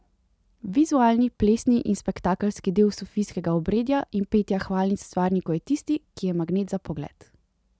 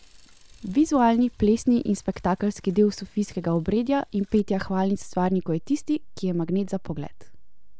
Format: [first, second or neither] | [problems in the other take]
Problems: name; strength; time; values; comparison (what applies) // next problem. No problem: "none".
first | background sound (Mechanisms / Bicycle); 15 dB below the speech